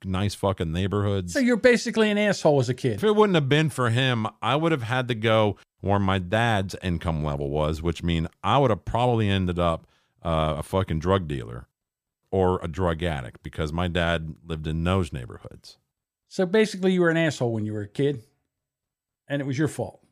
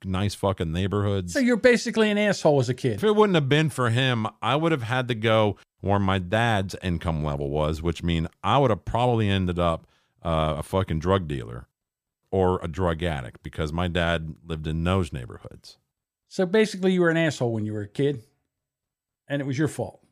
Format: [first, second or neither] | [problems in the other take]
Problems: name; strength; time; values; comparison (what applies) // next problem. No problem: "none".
neither | none